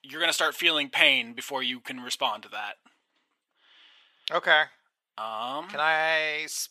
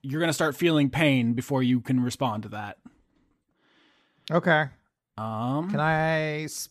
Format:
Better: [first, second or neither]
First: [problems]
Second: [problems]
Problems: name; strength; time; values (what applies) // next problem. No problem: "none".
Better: second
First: thin; very; fading below 700 Hz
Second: none